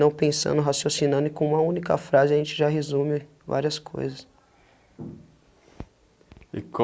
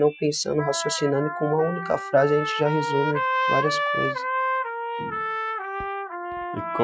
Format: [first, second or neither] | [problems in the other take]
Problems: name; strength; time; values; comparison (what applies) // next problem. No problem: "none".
first | noise reduction (classical method Wiener filter)